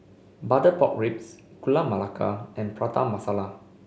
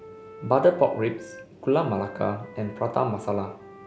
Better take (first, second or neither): first